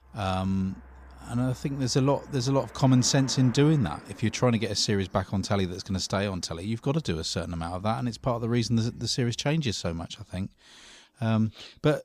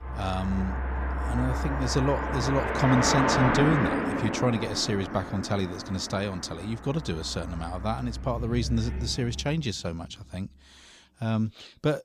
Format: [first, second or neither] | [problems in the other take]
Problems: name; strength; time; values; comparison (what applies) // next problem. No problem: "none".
first | traffic noise; loud; until 9 s; 1 dB below the speech; faint in the first